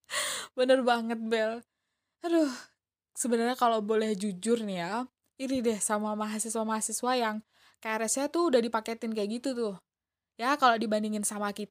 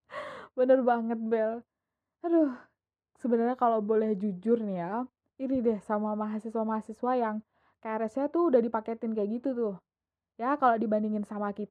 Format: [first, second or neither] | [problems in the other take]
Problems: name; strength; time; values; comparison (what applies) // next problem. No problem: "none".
first | muffled; very; fading above 3 kHz